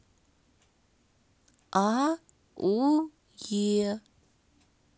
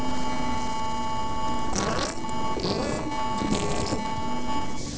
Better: first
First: none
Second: noise reduction (neural separator model SepFormer DNS4)

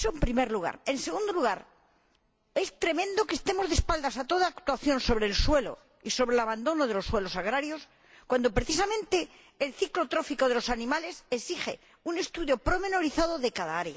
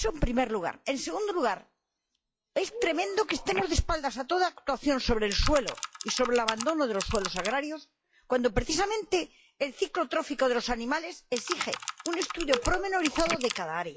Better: first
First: none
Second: noise reduction (classical method log-MMSE)

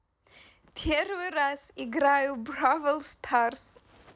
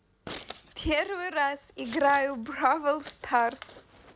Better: first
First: none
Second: background sound (Scissors); 20 dB below the speech

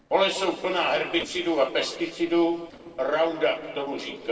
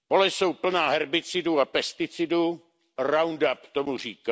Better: second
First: noise reduction (neural separator model SepFormer DNS4)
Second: none

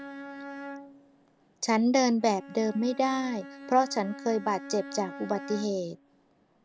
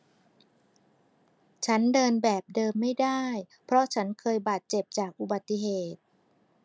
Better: second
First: background sound (Bowed string instrument); 15 dB below the speech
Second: none

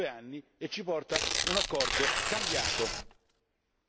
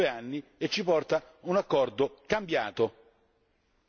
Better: second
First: background sound (Tearing); 5 dB above the speech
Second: none

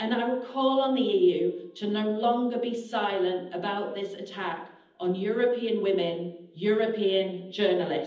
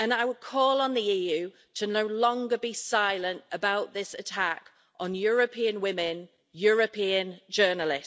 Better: second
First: room echo; dies away in 0.8 s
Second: none

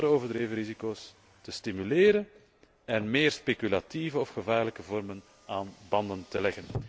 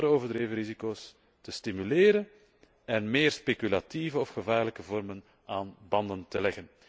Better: second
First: background sound (Car); 19 dB below the speech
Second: none

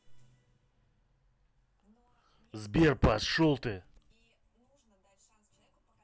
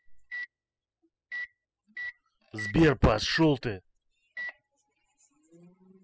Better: first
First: none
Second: noise reduction (classical method spectral subtraction)

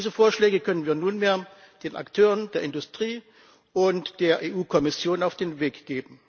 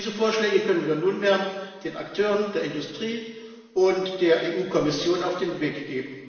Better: first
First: none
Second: room echo; dies away in 1.2 s

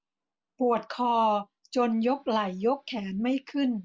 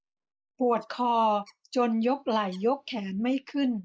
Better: first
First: none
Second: noise reduction (neural mask model Resemble Enhance denoiser)

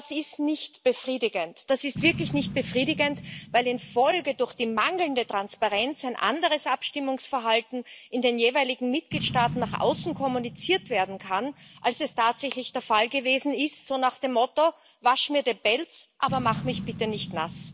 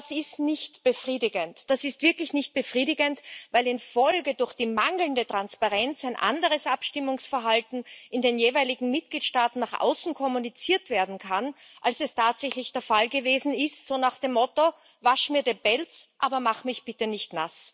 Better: second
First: background sound (Boom); 14 dB below the speech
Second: none

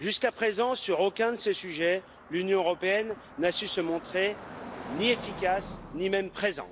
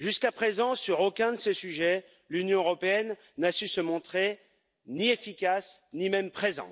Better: second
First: background sound (Car passing by); 15 dB below the speech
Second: none

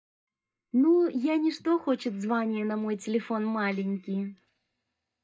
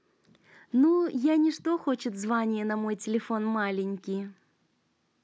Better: second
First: noise reduction (neural mask model DeepFilterNet 3)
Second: none

